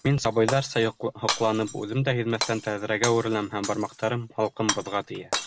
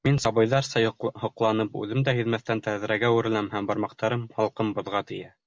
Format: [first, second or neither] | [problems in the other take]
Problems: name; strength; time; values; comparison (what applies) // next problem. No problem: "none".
second | background sound (Shatter); 9 dB below the speech